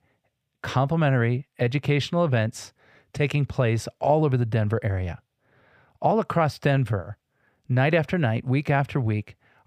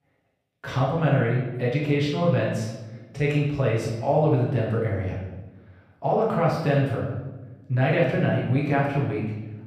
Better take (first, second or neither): first